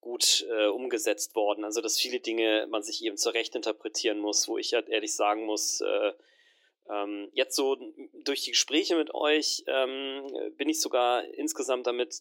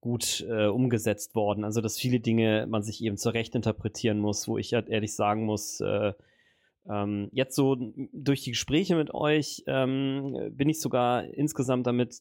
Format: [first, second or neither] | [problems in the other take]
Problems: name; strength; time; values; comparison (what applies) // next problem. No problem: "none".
second | thin; very; fading below 300 Hz